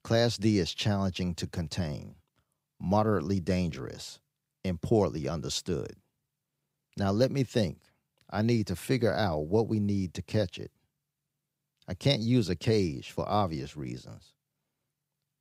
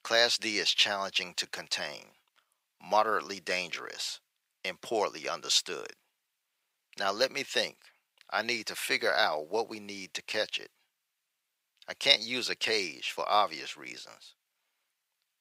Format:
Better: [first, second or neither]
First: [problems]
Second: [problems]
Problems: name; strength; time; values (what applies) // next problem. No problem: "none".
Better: first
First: none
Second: thin; very; fading below 750 Hz